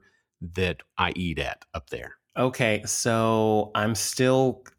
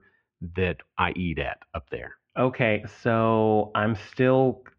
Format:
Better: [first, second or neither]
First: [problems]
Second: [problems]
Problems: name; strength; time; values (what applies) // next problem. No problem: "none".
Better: first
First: none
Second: muffled; very; fading above 3 kHz